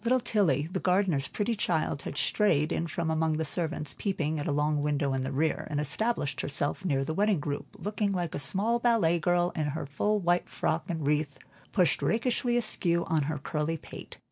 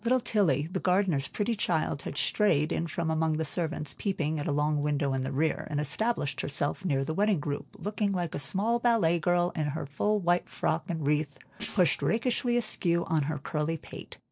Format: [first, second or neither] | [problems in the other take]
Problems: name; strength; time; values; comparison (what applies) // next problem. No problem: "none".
first | noise reduction (neural separator model SepFormer DNS4)